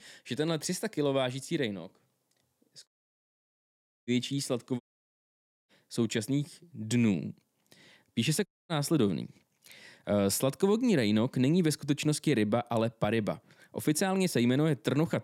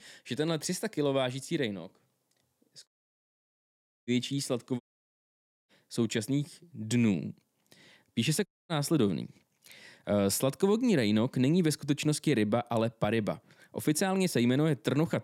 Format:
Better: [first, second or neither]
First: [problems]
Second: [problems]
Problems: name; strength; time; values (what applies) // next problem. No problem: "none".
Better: neither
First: audio cutting out; at 3 s for 1 s, at 5 s for 1 s and at 8.5 s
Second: audio cutting out; at 3 s for 1 s, at 5 s for 1 s and at 8.5 s